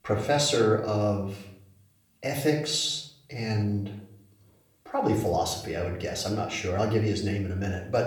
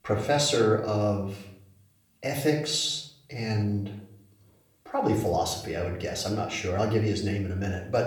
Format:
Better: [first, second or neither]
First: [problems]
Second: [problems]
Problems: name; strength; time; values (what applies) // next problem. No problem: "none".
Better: neither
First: off-mic speech; somewhat distant // room echo; slight; dies away in 0.6 s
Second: off-mic speech; somewhat distant // room echo; slight; dies away in 0.6 s